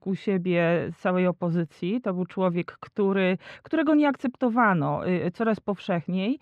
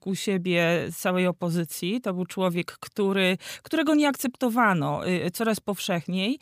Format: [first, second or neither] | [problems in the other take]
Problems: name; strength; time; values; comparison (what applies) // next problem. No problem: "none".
second | muffled; very; fading above 2 kHz